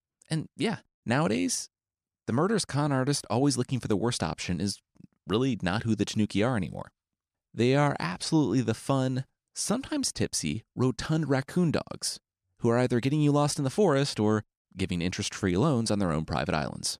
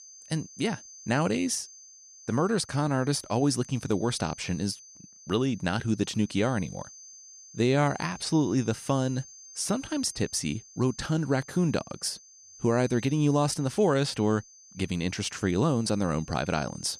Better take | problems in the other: first | high-pitched whine; noticeable; throughout; 6.5 kHz, 20 dB below the speech

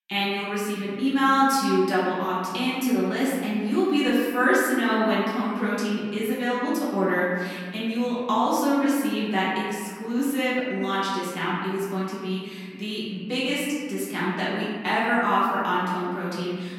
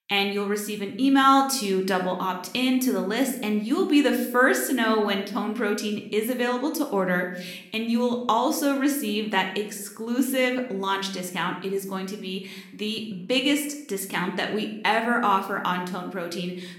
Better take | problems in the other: second | room echo; strong; dies away in 1.7 s; slight in the second // off-mic speech; far

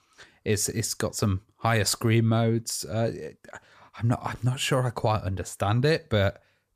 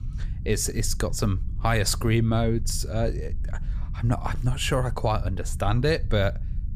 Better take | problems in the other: first | low rumble; faint; throughout; 20 dB below the speech

